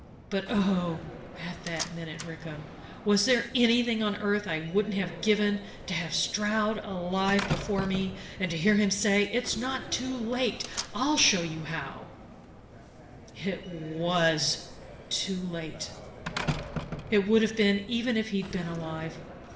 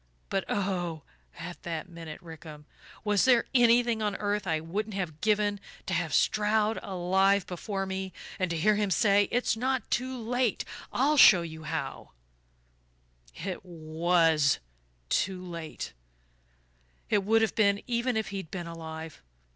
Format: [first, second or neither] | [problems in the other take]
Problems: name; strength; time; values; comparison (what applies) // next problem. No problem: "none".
second | background sound (Slam); 11 dB below the speech // room echo; dies away in 0.7 s